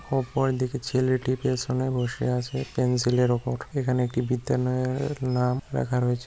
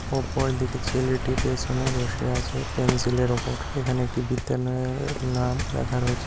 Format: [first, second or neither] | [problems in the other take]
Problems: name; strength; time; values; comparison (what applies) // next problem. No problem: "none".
first | background sound (Waves, surf); 3 dB below the speech